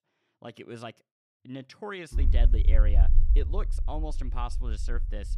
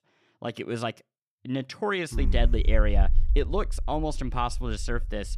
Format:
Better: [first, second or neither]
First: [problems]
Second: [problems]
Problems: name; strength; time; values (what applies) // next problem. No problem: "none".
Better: second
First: low rumble; loud; from 2 s on; 9 dB below the speech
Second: low rumble; faint; from 2 s on; 20 dB below the speech